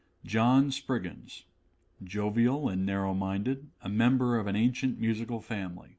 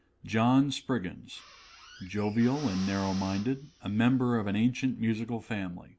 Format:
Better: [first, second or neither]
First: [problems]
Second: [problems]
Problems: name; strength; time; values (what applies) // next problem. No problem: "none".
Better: first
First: none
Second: background sound (Drill); 20 dB below the speech